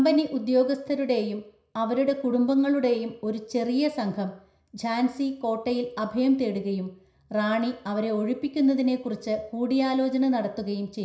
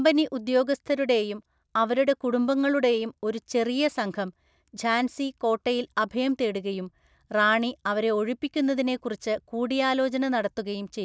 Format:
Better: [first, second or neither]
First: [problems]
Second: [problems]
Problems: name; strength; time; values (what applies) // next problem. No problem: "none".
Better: second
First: room echo; dies away in 0.5 s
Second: none